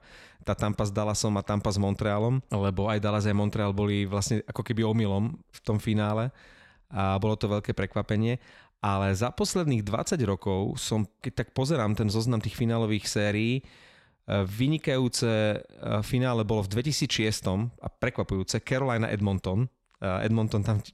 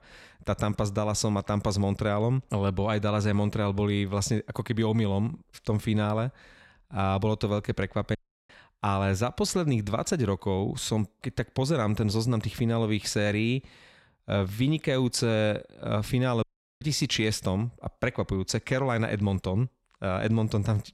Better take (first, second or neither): first